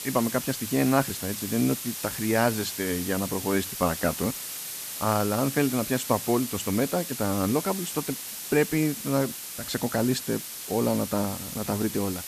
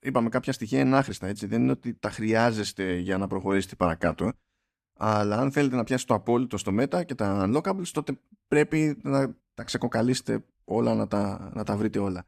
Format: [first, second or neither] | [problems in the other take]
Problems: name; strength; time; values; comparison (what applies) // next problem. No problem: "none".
second | hiss; loud; throughout; 6 dB below the speech